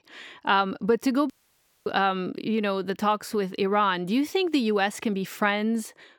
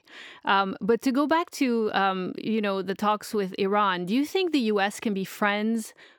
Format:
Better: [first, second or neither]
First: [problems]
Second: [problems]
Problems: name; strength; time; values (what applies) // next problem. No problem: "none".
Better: second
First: audio cutting out; at 1.5 s for 0.5 s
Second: none